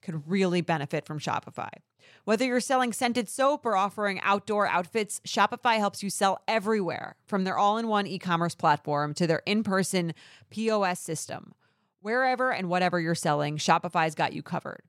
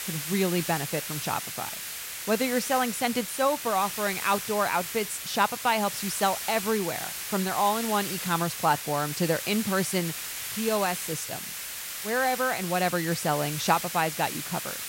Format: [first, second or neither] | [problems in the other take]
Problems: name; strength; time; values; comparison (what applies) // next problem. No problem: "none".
first | hiss; loud; throughout; 5 dB below the speech